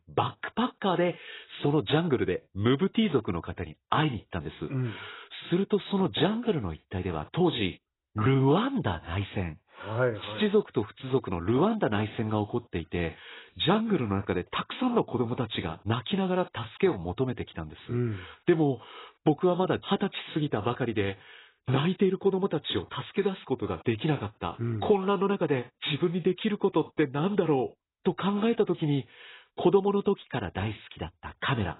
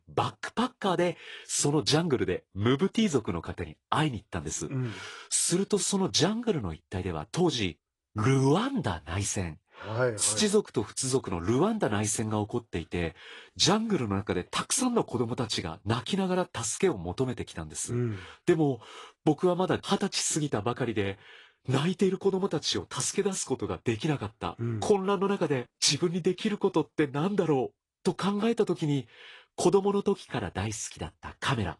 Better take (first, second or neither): second